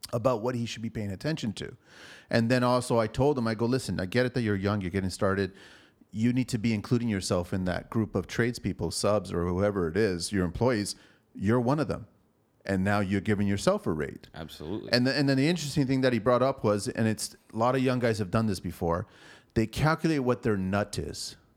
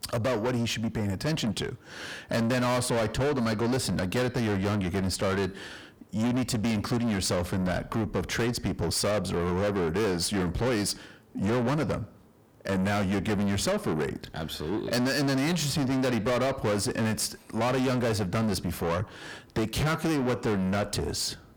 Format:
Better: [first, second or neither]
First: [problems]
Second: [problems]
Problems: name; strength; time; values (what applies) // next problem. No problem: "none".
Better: first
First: none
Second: distortion; heavy; 5 dB below the speech